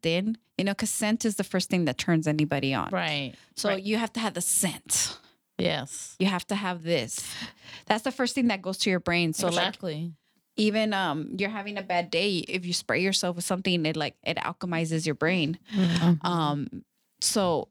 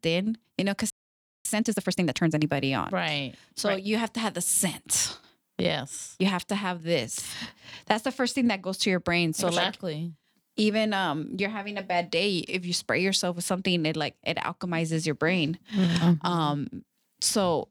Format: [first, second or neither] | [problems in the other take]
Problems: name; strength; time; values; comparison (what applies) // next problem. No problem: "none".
first | audio freezing; at 1 s for 0.5 s